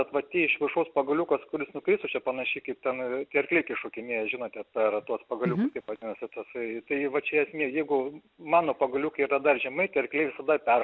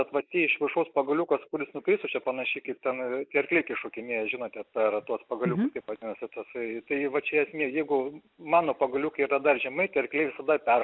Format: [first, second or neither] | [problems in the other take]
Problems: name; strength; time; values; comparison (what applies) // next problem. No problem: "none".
first | noise reduction (neural mask model Resemble Enhance denoiser)